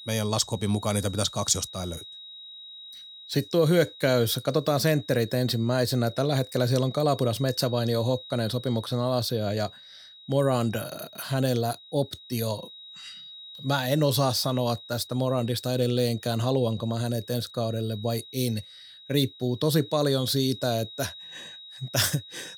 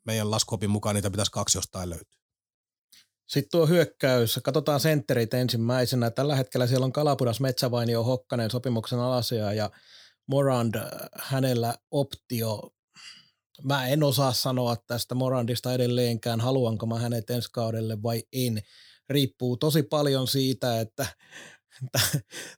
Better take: second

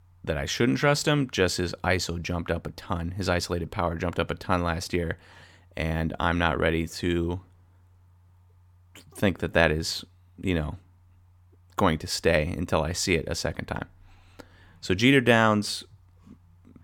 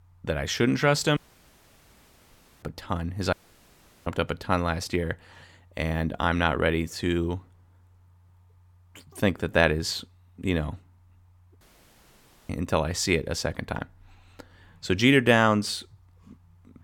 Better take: first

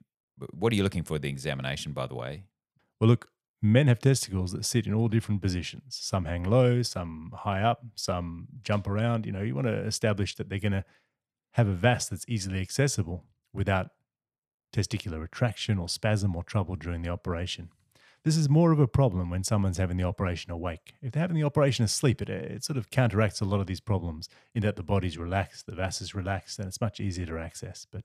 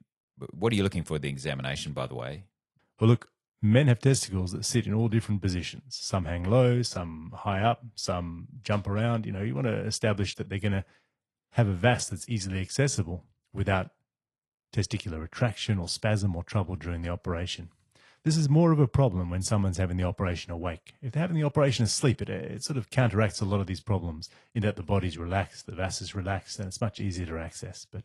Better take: first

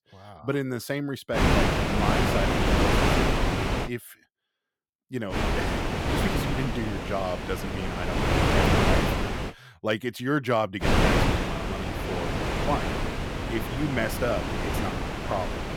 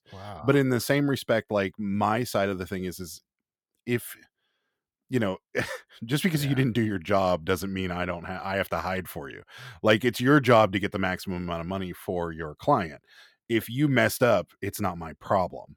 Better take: second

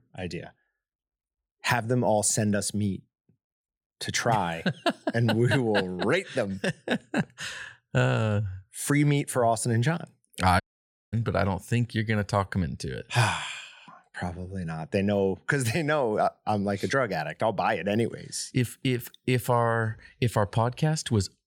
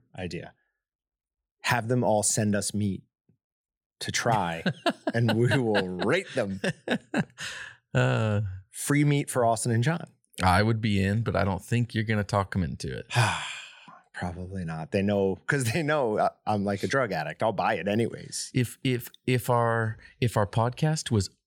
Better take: second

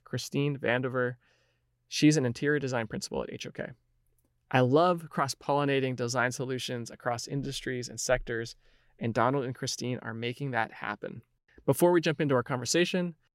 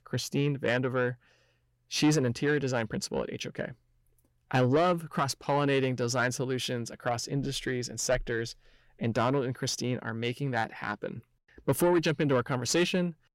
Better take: first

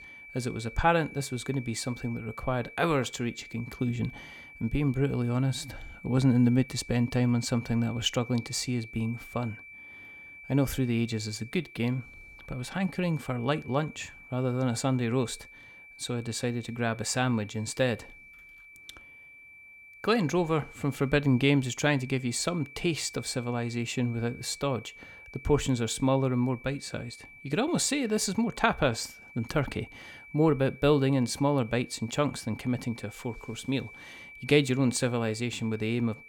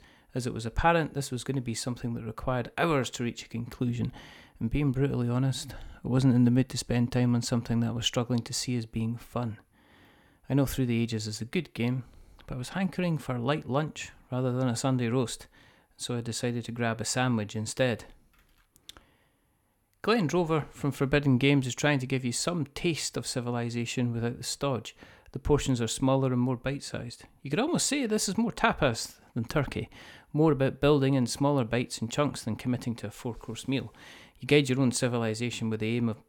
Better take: second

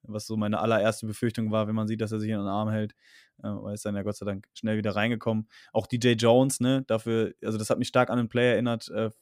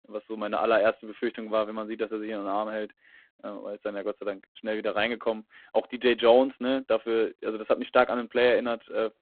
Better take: first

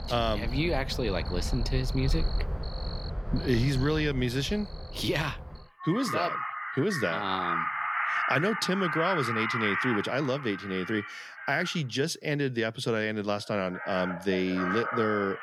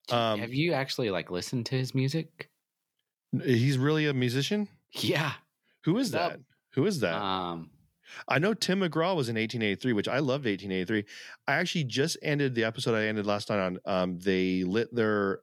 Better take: second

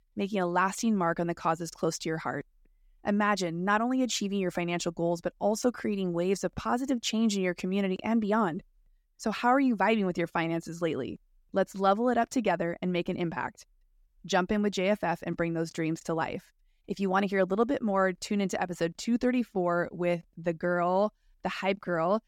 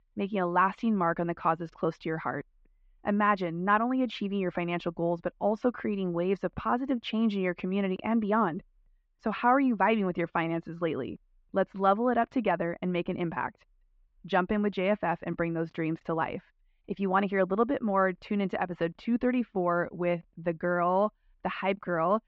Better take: first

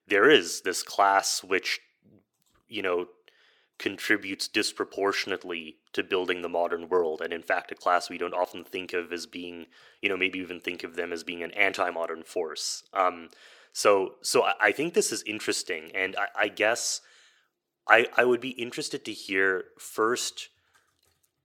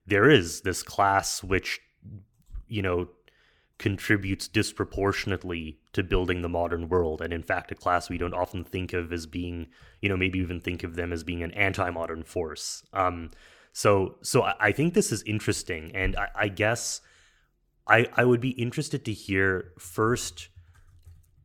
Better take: second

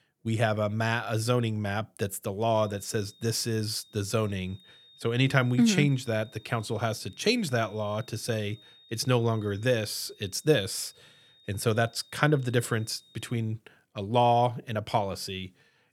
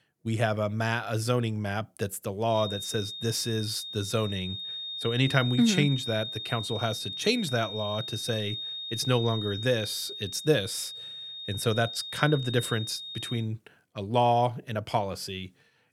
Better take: first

